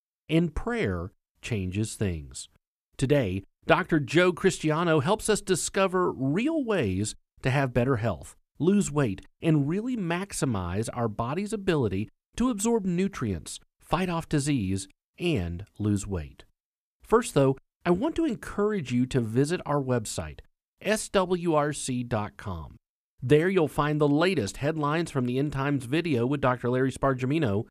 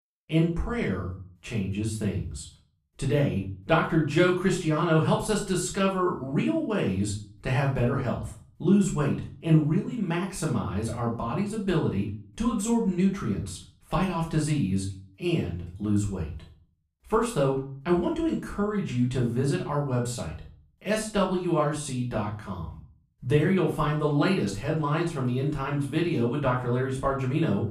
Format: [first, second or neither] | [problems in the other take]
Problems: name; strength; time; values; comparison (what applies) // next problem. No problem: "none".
first | room echo; slight; dies away in 0.4 s // off-mic speech; far